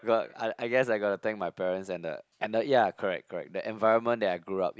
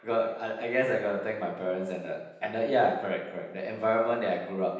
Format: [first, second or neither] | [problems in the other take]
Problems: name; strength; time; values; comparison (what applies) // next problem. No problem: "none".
first | room echo; dies away in 0.9 s